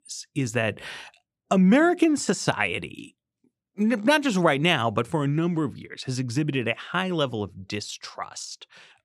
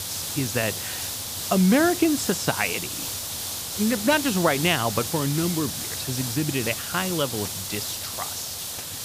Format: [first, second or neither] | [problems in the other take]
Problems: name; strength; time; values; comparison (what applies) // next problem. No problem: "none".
first | hiss; loud; throughout; 4 dB below the speech